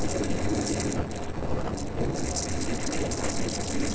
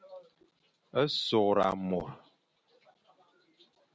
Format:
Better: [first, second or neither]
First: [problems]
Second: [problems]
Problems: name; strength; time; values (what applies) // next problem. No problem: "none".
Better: second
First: noise reduction (neural separator model SepFormer DNS4)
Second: none